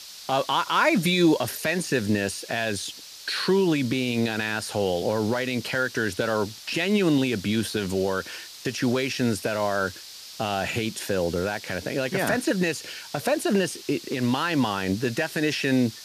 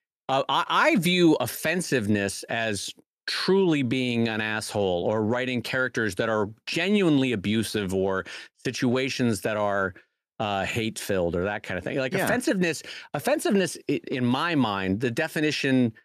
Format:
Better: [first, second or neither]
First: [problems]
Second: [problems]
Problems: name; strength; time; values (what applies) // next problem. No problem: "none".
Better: second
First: hiss; noticeable; throughout; 15 dB below the speech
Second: none